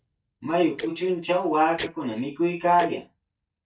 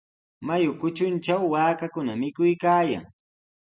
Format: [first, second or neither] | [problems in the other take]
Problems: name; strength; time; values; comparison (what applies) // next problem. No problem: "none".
second | noise reduction (neural mask model DeepFilterNet 3)